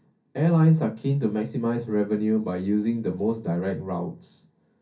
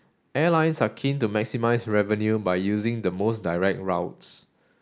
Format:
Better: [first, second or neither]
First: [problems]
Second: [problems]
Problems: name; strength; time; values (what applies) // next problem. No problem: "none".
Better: second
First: room echo; dies away in 0.3 s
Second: none